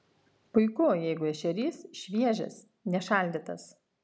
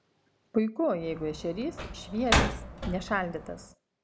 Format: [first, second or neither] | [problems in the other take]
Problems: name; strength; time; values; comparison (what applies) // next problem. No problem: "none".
first | background sound (Slam); as loud as the speech